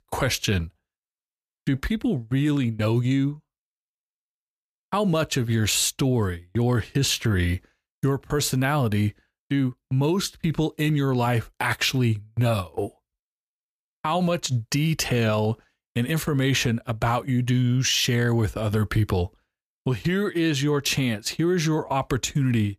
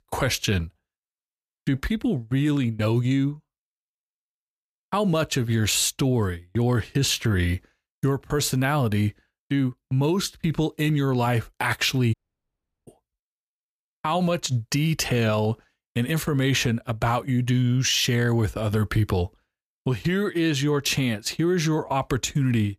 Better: first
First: none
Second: audio cutting out; at 12 s for 0.5 s

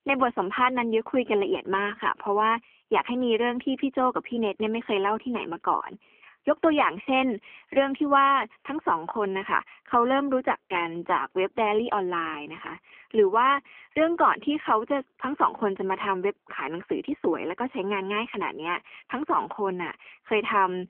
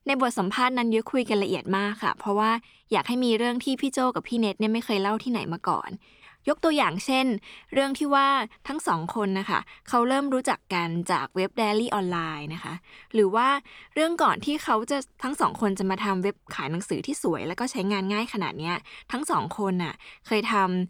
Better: second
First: phone-call audio; nothing above 3 kHz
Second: none

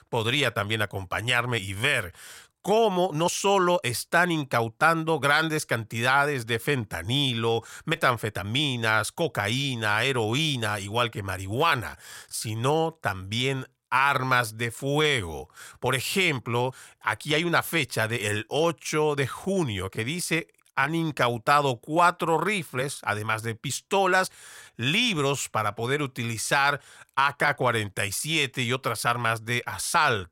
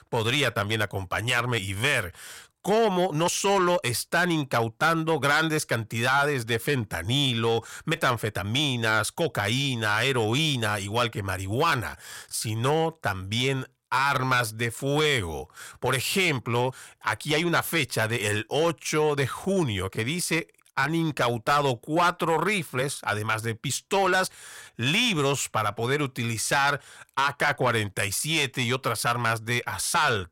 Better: first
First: none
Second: distortion; slight; 10 dB below the speech

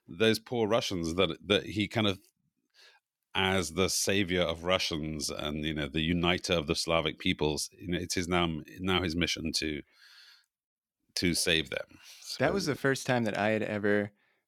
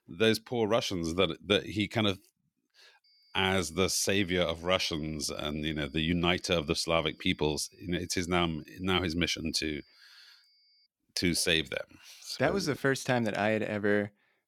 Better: first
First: none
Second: high-pitched whine; faint; from 3 to 11 s; 4.5 kHz, 30 dB below the speech

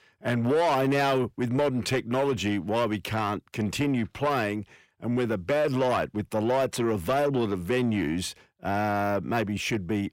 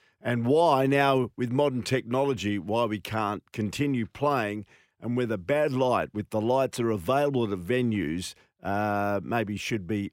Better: second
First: distortion; slight; 10 dB below the speech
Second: none

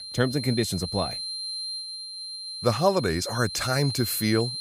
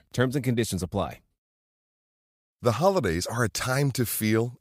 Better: second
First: high-pitched whine; loud; throughout; 4 kHz, 6 dB below the speech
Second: none

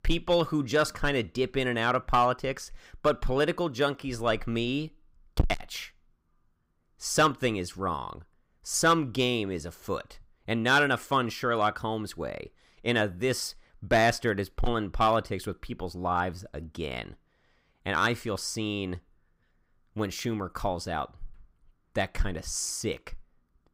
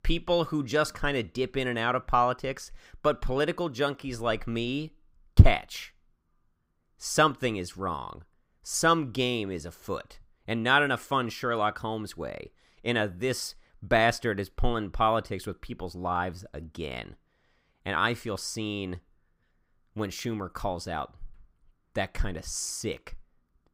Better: second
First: distortion; heavy; 1.7% of the sound clipped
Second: none

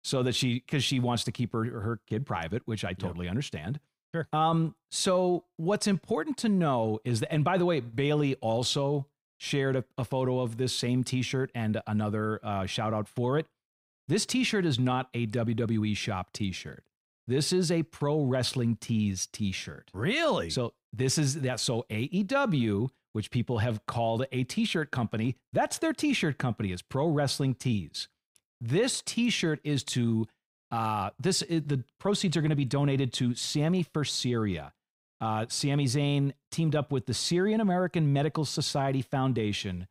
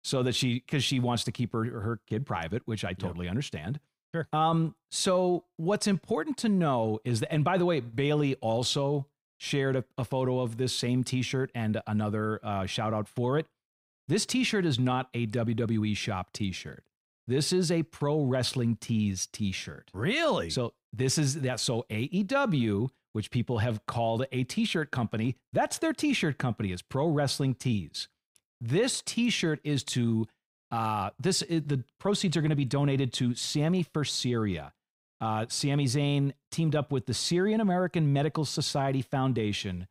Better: neither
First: none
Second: none

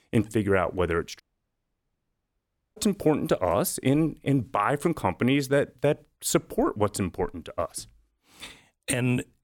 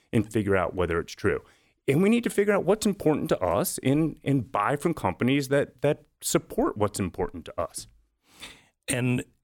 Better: second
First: audio cutting out; at 1 s for 1.5 s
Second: none

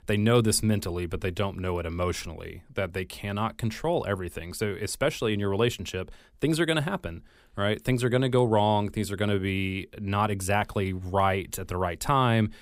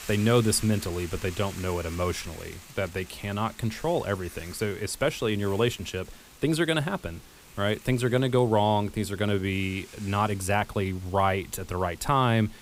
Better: first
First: none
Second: hiss; noticeable; throughout; 20 dB below the speech

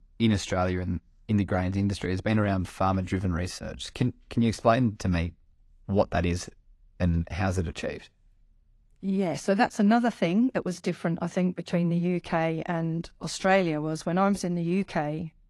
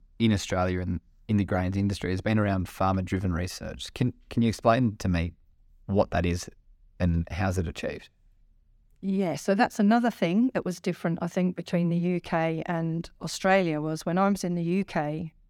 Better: second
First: garbled, watery; slightly; nothing above 11.5 kHz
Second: none

